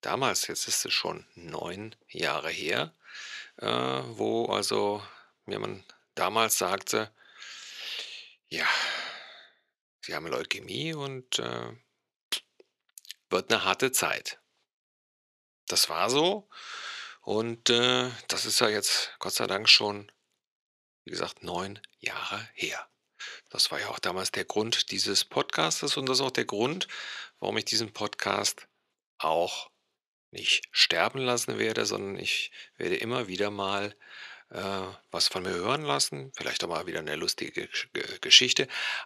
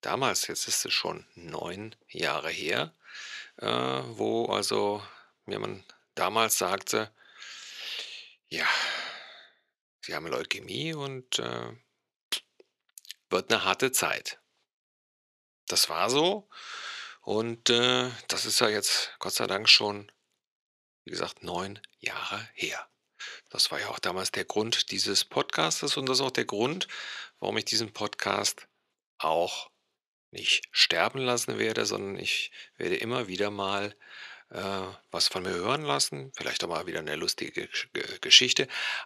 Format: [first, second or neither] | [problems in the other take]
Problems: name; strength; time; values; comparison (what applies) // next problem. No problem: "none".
neither | thin; very; fading below 400 Hz; the same in both